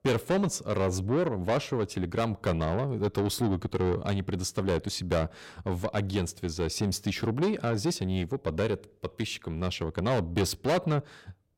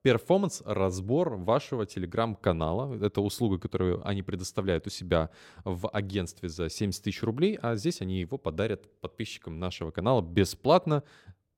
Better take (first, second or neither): second